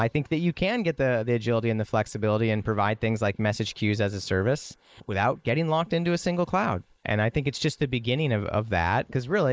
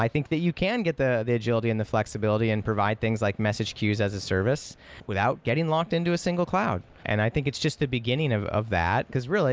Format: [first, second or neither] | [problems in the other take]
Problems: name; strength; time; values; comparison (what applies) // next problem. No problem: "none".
second | noise reduction (neural mask model Resemble Enhance denoiser)